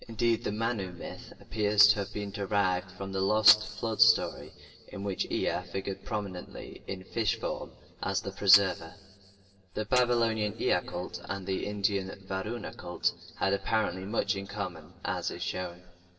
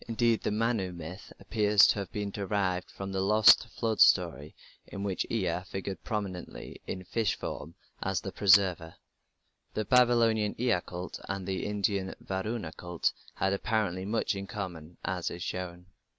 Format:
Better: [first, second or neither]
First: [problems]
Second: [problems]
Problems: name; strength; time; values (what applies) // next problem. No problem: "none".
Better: second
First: room echo; dies away in 2.9 s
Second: none